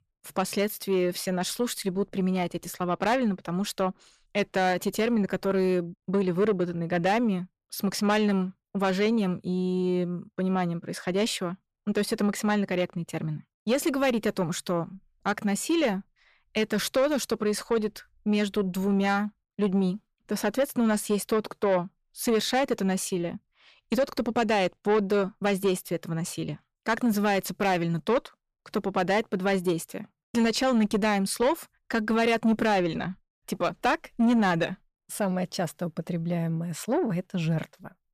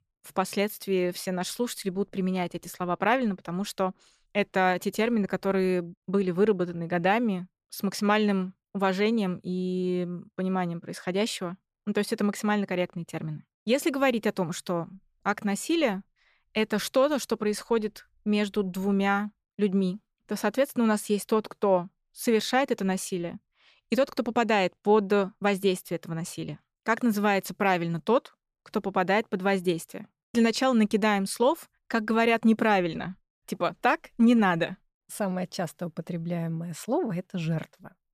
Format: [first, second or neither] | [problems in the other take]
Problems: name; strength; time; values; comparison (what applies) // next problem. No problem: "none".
second | distortion; slight; 10 dB below the speech